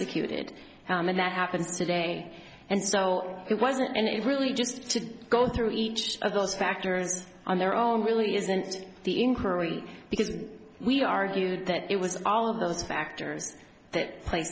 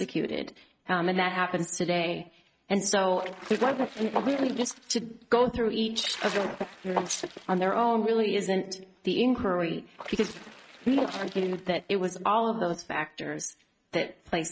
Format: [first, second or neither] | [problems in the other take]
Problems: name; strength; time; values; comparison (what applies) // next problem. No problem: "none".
first | noise reduction (neural mask model RNNoise)